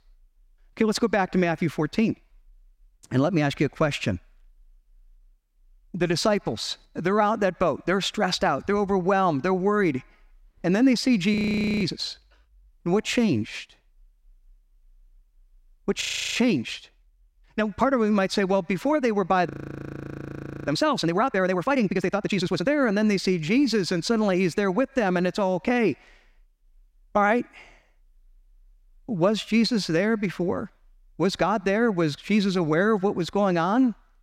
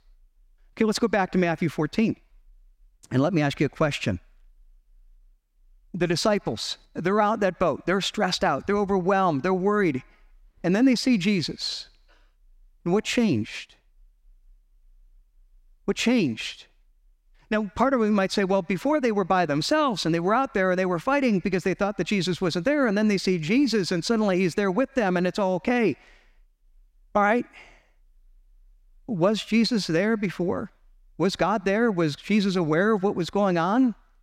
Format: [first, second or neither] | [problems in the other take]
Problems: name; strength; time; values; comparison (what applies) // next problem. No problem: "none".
second | audio freezing; at 11 s, at 16 s and at 20 s for 1 s